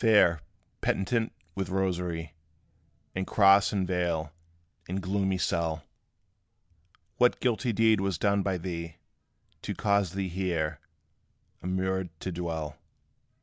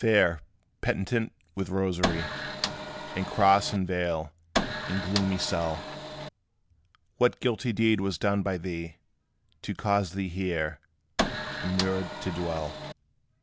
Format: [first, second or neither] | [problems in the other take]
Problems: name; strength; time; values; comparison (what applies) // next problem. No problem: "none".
first | background sound (Printer); 3 dB below the speech